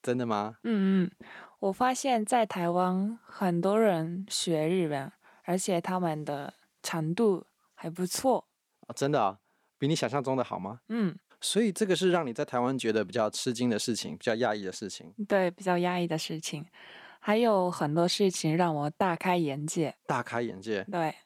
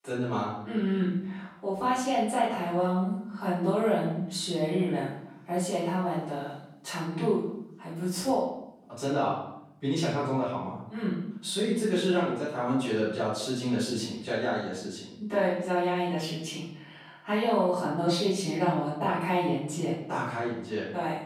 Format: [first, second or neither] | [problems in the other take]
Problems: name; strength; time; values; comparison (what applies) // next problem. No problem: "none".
first | off-mic speech; far // room echo; noticeable; dies away in 0.7 s